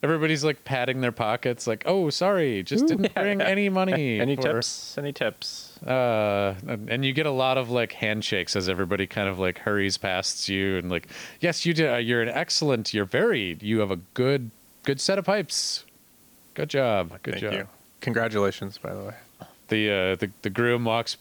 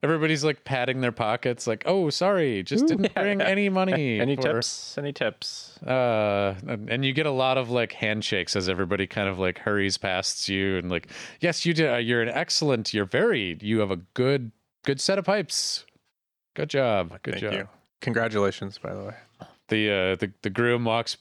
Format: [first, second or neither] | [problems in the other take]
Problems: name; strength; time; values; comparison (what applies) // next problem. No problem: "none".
second | hiss; faint; throughout; 30 dB below the speech